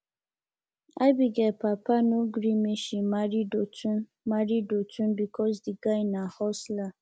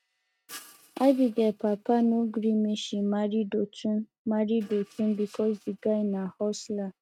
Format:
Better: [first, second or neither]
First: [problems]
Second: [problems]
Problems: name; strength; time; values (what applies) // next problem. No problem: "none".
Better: first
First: none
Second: noise reduction (neural mask model RNNoise)